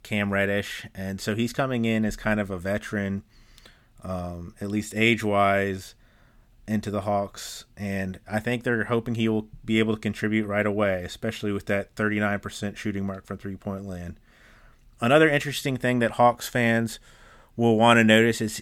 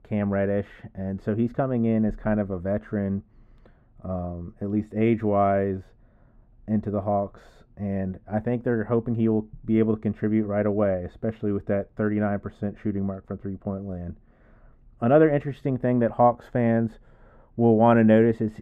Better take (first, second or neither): first